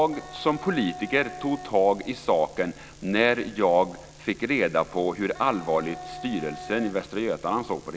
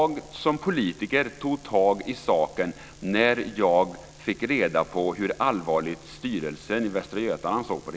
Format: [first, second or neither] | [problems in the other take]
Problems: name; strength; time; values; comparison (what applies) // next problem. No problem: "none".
second | background sound (Wind instrument, woodwind instrument); 15 dB below the speech